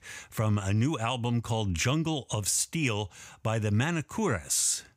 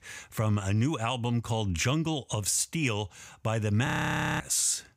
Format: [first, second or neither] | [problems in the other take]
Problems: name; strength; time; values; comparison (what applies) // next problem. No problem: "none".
first | audio freezing; at 4 s for 0.5 s